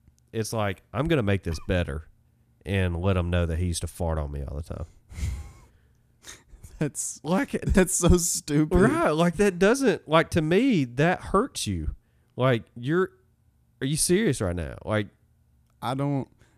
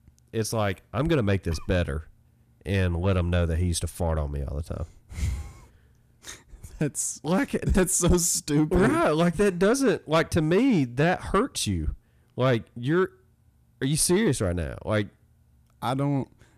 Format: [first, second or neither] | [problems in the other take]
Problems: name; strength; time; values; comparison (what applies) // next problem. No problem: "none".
first | distortion; slight; 10 dB below the speech